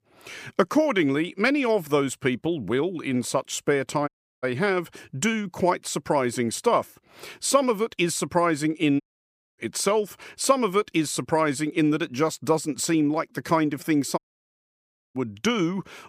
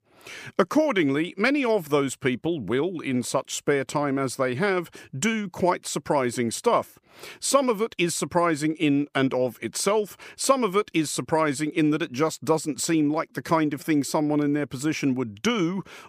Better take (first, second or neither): second